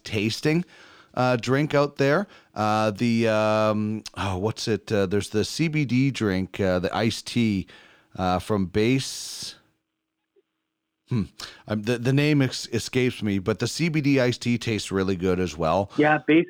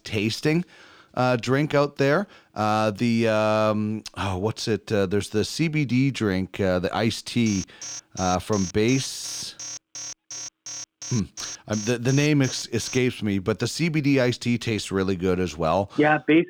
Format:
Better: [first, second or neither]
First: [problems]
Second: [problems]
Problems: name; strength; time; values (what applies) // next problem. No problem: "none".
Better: first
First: none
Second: alarm; faint; from 7.5 to 13 s; peak 10 dB below the speech